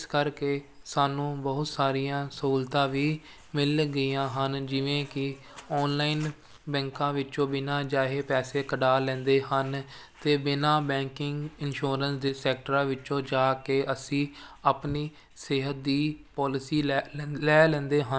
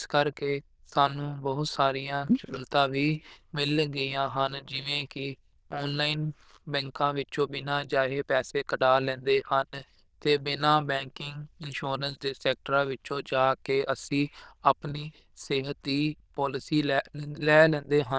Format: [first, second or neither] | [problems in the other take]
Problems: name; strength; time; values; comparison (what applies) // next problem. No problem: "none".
first | noise reduction (neural diffusion model UNIVERSE++)